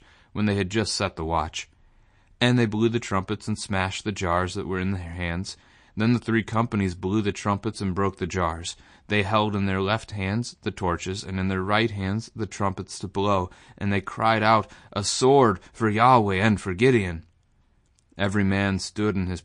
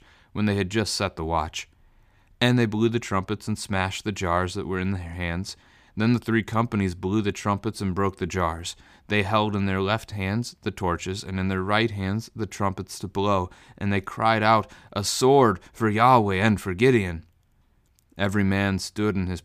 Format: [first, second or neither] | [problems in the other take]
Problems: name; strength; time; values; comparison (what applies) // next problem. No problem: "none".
second | garbled, watery; slightly; nothing above 9 kHz